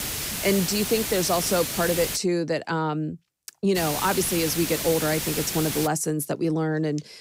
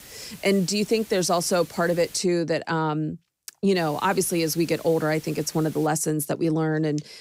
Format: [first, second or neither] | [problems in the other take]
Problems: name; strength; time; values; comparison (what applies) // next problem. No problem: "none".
second | hiss; loud; until 2 s and from 4 to 6 s; 3 dB below the speech; faint in the second